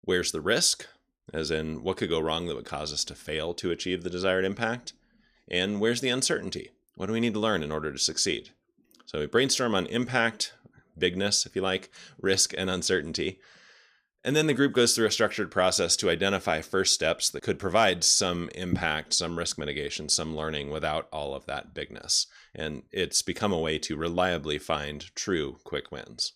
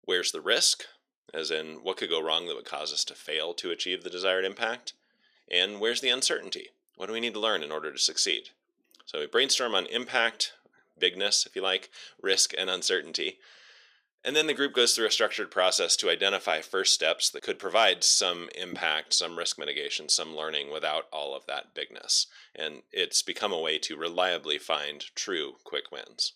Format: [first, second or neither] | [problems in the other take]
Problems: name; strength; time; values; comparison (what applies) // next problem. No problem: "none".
first | thin; somewhat; fading below 450 Hz